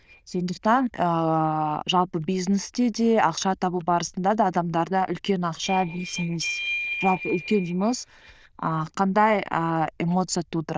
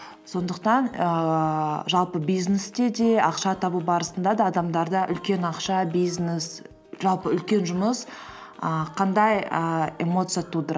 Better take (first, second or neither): second